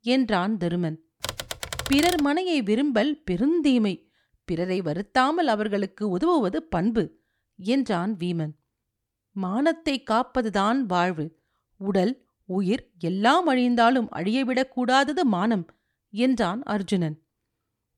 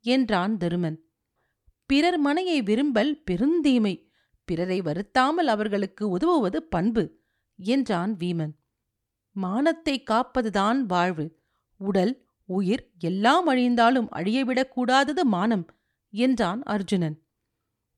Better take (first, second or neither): second